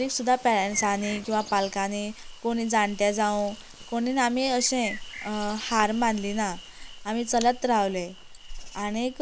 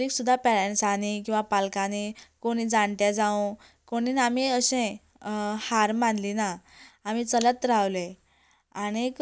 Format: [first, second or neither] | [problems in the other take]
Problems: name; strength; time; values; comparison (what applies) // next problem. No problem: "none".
second | background sound (Insect + Bird); 14 dB below the speech